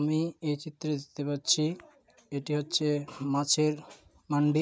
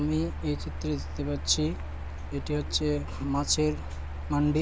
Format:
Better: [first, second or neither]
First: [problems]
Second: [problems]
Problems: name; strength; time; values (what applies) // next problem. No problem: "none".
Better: first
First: none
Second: background sound (Mechanical fan); 5 dB below the speech